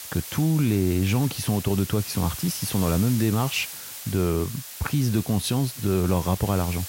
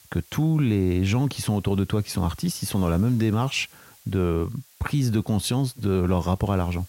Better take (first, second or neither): second